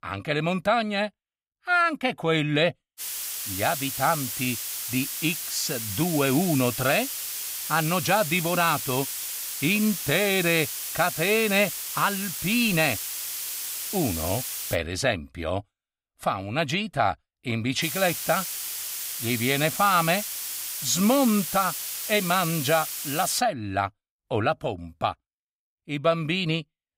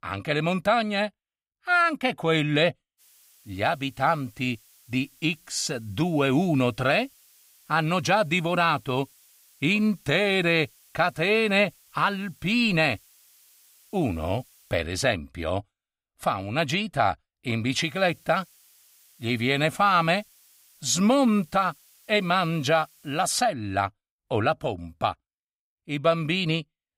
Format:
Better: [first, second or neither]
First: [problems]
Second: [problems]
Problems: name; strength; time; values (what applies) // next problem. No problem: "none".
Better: second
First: hiss; loud; from 3 to 15 s and from 18 to 23 s; 4 dB below the speech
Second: hiss; faint; from 3 to 15 s and from 18 to 23 s; 30 dB below the speech